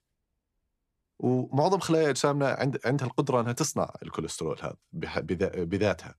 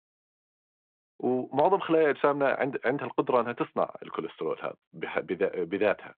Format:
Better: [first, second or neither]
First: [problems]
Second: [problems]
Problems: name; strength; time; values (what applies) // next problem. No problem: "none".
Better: first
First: none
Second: phone-call audio; nothing above 4 kHz